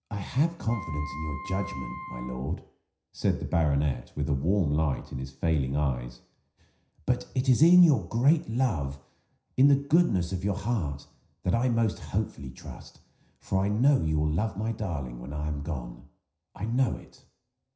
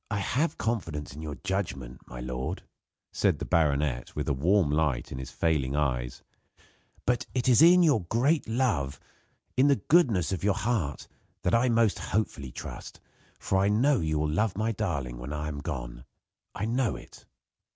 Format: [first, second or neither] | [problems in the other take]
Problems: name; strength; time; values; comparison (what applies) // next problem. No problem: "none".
second | background sound (Wind instrument, woodwind instrument); 13 dB below the speech // room echo; dies away in 0.5 s